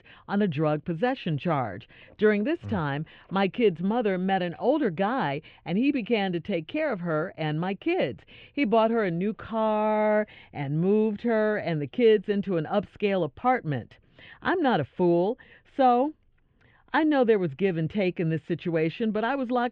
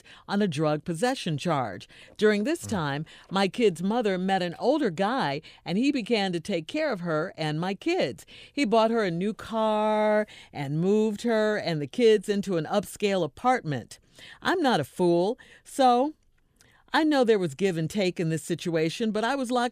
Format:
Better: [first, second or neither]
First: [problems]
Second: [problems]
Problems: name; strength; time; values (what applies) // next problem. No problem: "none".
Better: second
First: muffled; very; fading above 2.5 kHz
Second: none